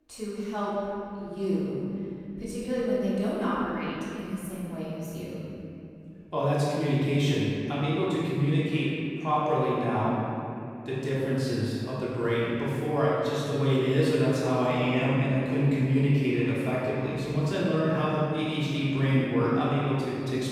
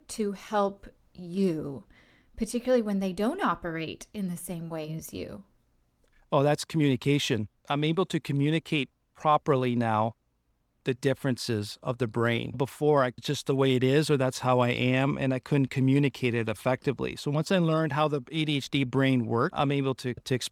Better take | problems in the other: second | room echo; strong; dies away in 3 s // off-mic speech; far

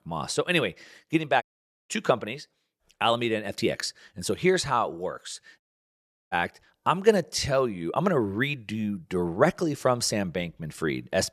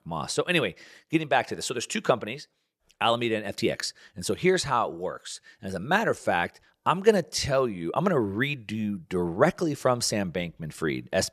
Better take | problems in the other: second | audio cutting out; at 1.5 s and at 5.5 s for 0.5 s

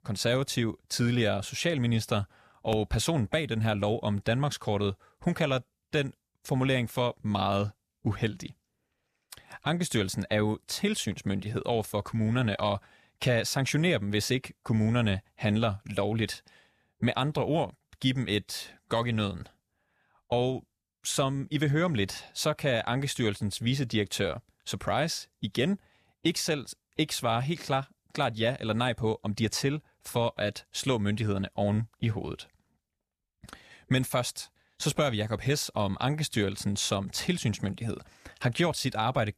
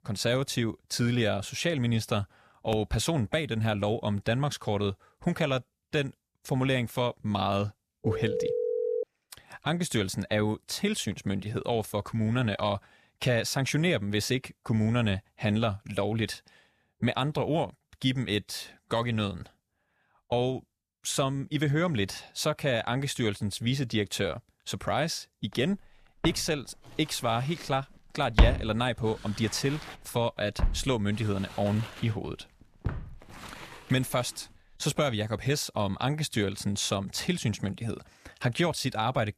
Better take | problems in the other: first | phone ringing; loud; from 8 to 9 s; peak level with the speech // footsteps; loud; from 26 to 33 s; peak 5 dB above the speech

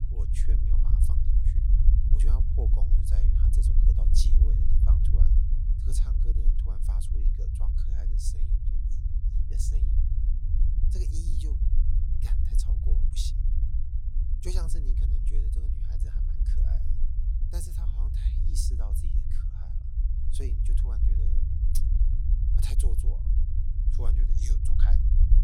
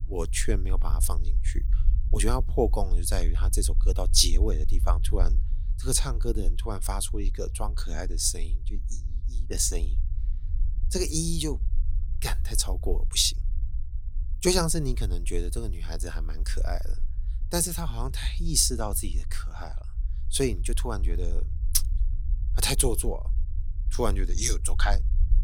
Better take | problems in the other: second | low rumble; loud; throughout; 1 dB below the speech; faint in the second

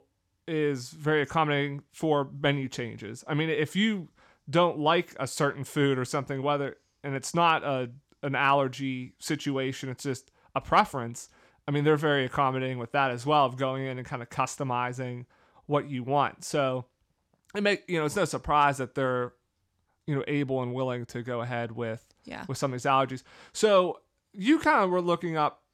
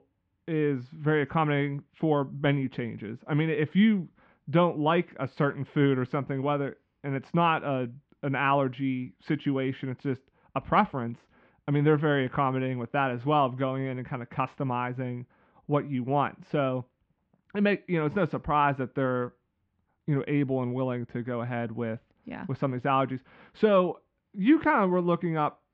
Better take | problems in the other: first | muffled; very; fading above 3 kHz

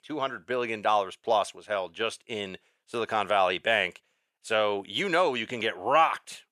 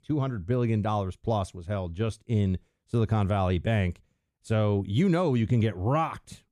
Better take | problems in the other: second | thin; very; fading below 650 Hz

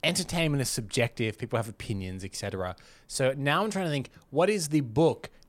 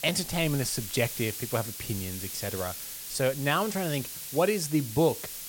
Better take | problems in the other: first | hiss; loud; throughout; 7 dB below the speech

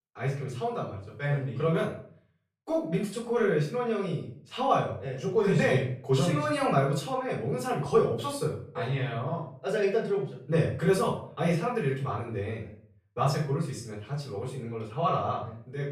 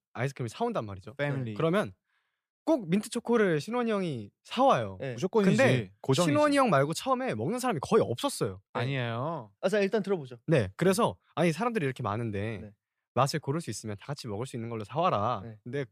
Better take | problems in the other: second | room echo; noticeable; dies away in 0.4 s // off-mic speech; far

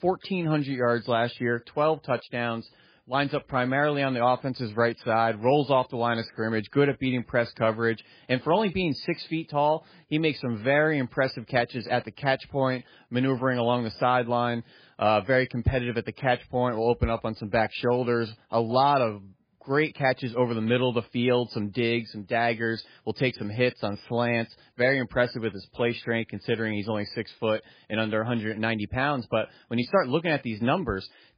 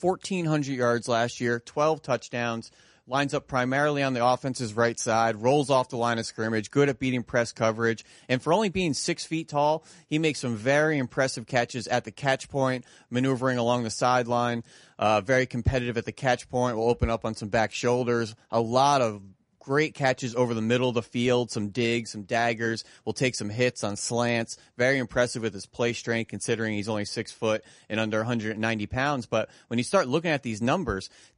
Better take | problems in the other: second | garbled, watery; badly; nothing above 5 kHz; slightly in the second

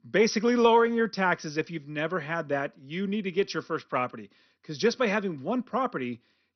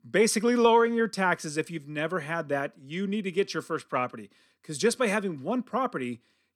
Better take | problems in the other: second | garbled, watery; slightly; nothing above 6 kHz

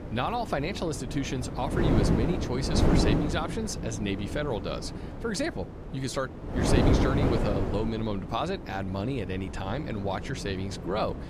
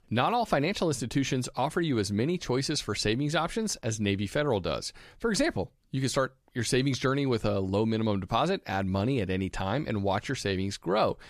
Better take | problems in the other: second | wind noise on the microphone; heavy; 2 dB below the speech

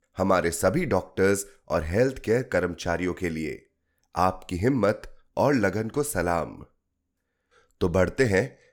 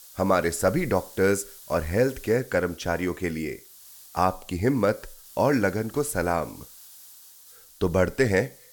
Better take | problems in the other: first | hiss; faint; throughout; 20 dB below the speech

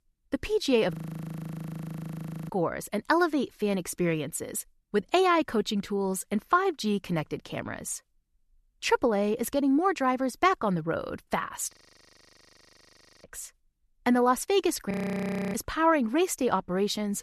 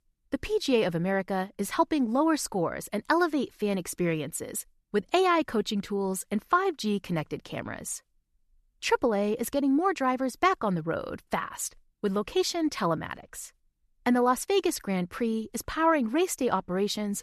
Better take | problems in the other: second | audio freezing; at 1 s for 1.5 s, at 12 s for 1.5 s and at 15 s for 0.5 s

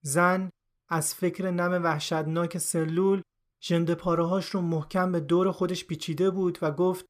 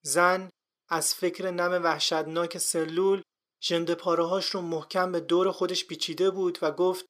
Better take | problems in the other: first | thin; somewhat; fading below 350 Hz

